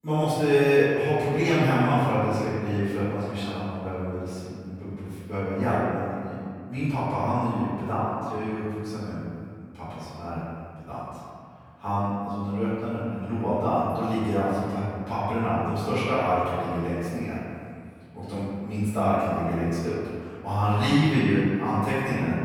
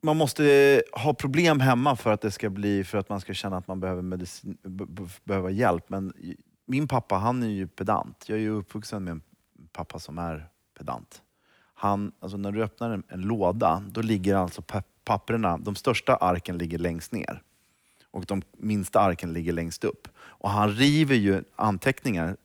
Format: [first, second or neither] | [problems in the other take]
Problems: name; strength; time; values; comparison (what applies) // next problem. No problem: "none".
second | room echo; strong; dies away in 2.3 s // off-mic speech; far